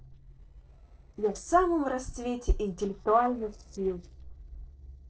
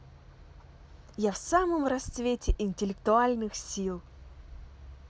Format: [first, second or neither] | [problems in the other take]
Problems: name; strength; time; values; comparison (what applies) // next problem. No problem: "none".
second | noise reduction (neural separator model SepFormer DNS4)